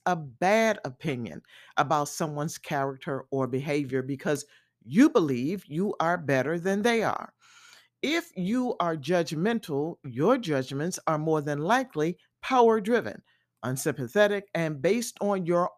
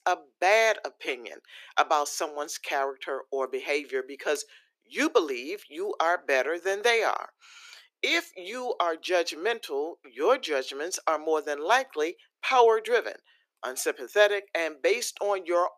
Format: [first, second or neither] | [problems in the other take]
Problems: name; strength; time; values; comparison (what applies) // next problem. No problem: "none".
first | thin; very; fading below 350 Hz